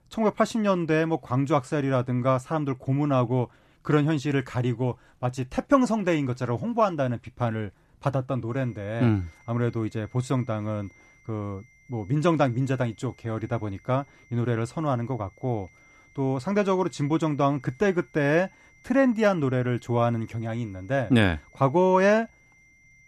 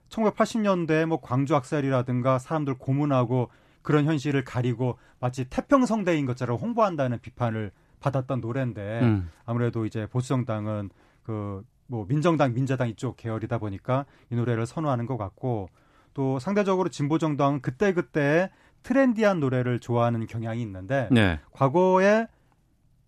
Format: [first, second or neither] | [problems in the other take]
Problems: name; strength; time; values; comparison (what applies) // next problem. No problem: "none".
second | high-pitched whine; faint; from 8.5 s on; 2 kHz, 30 dB below the speech